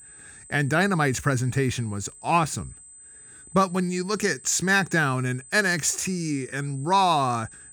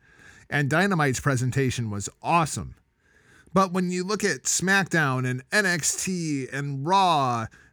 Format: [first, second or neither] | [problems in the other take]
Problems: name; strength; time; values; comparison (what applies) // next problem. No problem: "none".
second | high-pitched whine; noticeable; throughout; 8 kHz, 20 dB below the speech